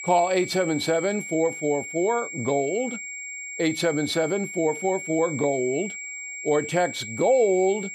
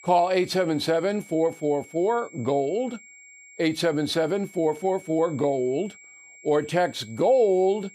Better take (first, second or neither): second